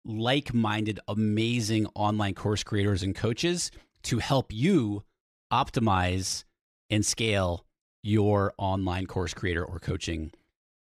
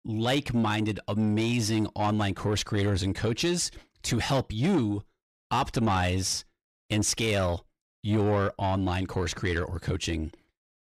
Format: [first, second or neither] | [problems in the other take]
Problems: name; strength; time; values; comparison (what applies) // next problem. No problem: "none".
first | distortion; slight; 10 dB below the speech